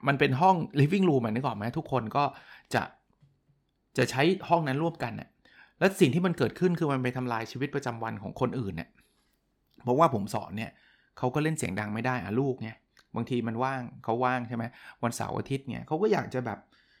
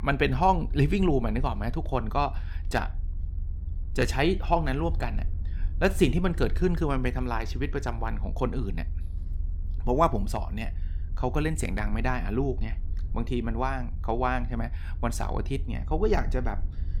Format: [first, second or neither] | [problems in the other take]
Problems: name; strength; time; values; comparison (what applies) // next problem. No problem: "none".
first | low rumble; faint; throughout; 25 dB below the speech